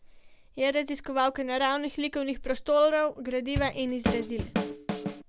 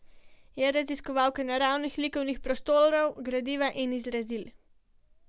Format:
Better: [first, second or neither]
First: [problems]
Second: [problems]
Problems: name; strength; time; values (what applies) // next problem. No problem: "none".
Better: second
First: background sound (Drum / Drum kit); 3 dB below the speech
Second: none